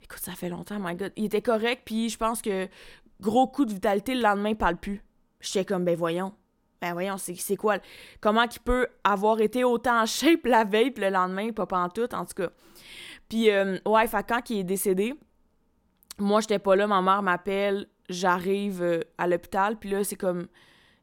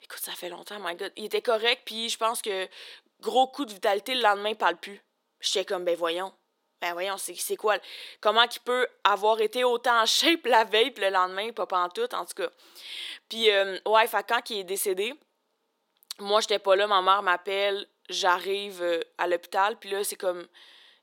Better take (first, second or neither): first